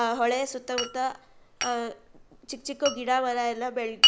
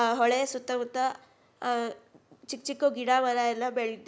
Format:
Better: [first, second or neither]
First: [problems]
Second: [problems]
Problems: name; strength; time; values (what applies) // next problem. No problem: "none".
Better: second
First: background sound (Glass); 1 dB below the speech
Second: none